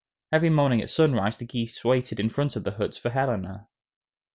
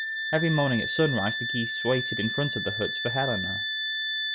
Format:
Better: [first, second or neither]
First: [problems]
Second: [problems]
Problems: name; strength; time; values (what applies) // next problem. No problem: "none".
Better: first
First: none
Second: background sound (Wind instrument, woodwind instrument); 1 dB below the speech